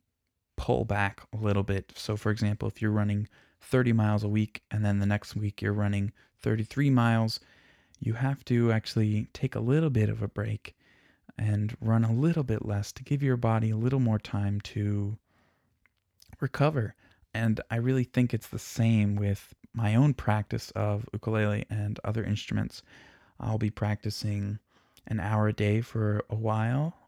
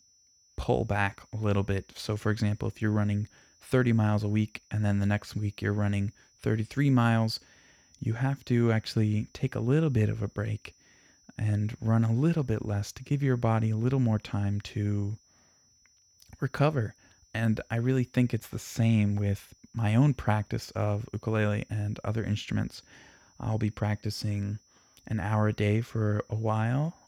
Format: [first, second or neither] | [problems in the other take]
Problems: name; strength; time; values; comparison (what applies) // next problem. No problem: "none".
first | high-pitched whine; faint; throughout; 6 kHz, 30 dB below the speech